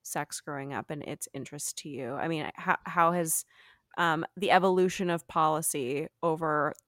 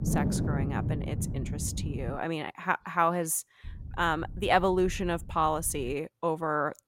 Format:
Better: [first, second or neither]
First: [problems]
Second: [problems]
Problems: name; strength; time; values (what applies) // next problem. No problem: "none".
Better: first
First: none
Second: wind noise on the microphone; occasional gusts; until 2 s and from 3.5 to 6 s; 10 dB below the speech